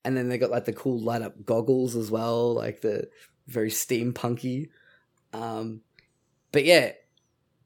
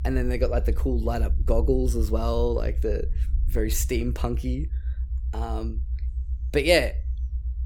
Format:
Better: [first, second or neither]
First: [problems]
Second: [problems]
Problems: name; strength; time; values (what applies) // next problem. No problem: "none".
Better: first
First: none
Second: low rumble; faint; throughout; 20 dB below the speech